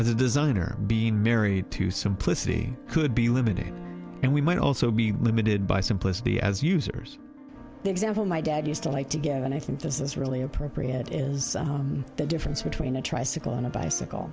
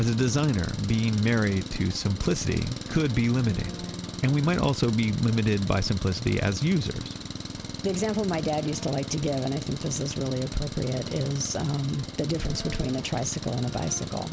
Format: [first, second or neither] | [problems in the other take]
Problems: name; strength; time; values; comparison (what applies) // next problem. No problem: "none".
first | background sound (Engine); 10 dB below the speech